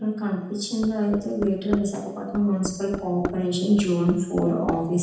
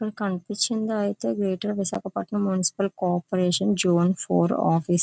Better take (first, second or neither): second